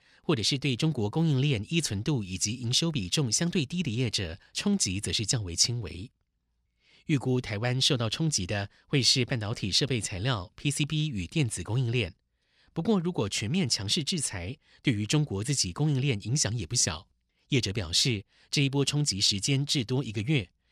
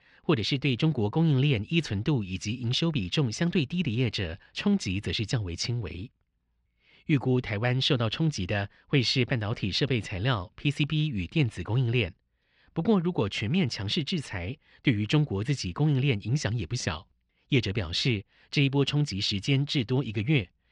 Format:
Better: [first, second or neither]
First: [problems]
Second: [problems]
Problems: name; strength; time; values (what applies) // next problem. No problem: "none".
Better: first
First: none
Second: muffled; slightly; fading above 2.5 kHz